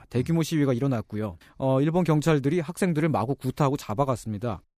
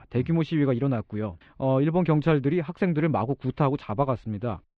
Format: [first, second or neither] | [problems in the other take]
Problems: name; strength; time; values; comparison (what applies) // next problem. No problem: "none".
first | muffled; very; fading above 3 kHz